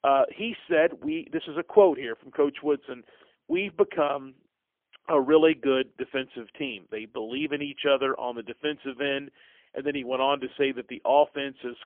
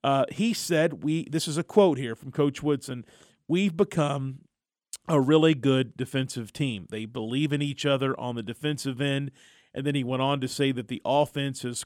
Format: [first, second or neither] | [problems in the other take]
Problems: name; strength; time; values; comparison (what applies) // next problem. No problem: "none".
second | phone-call audio; poor line; nothing above 3.5 kHz